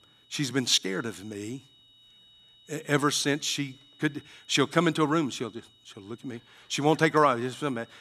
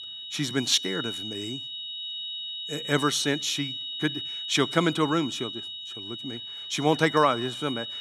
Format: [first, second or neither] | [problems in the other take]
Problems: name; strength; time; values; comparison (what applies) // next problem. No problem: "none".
first | high-pitched whine; loud; throughout; 4 kHz, 7 dB below the speech; faint in the first